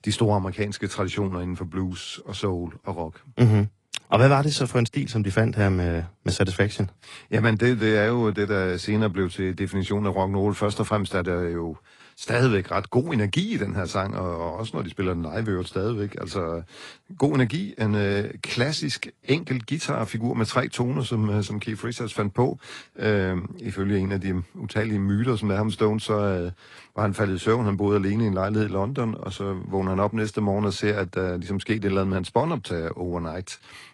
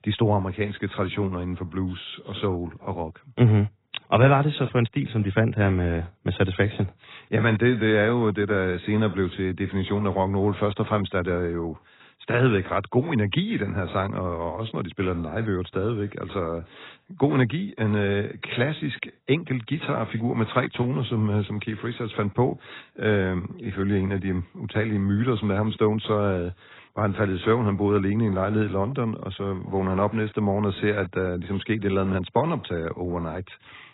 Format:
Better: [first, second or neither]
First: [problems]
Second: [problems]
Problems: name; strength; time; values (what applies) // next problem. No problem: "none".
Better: first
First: garbled, watery; slightly; nothing above 10.5 kHz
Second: garbled, watery; badly; nothing above 4 kHz